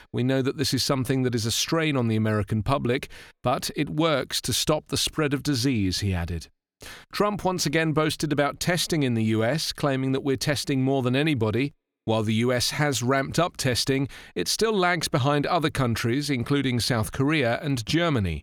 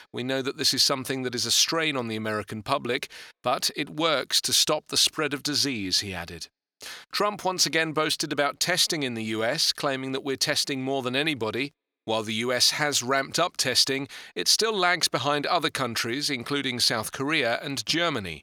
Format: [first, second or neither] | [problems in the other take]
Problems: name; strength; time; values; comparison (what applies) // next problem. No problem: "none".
first | thin; somewhat; fading below 600 Hz